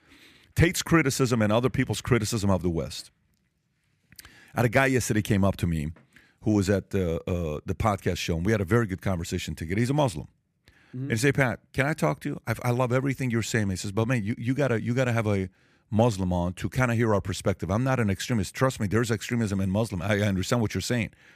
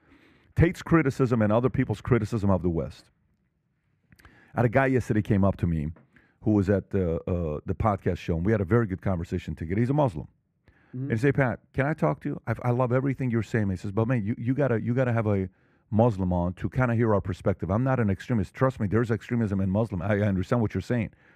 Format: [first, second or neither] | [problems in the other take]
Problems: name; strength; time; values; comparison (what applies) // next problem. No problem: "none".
first | muffled; very; fading above 2.5 kHz